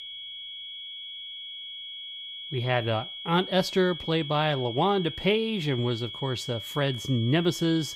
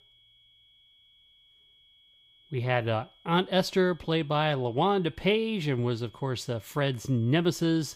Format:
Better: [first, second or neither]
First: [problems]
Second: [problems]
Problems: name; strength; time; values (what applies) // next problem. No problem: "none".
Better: second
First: high-pitched whine; loud; throughout; 3.5 kHz, 9 dB below the speech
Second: high-pitched whine; faint; throughout; 3.5 kHz, 30 dB below the speech